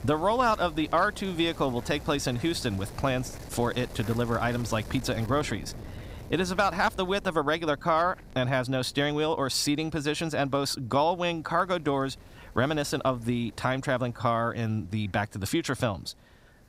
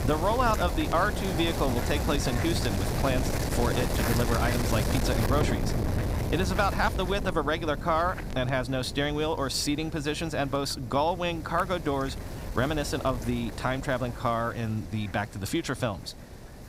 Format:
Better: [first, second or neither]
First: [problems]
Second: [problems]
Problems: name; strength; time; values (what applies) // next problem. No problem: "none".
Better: first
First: wind noise on the microphone; occasional gusts; 20 dB below the speech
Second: wind noise on the microphone; heavy; 6 dB below the speech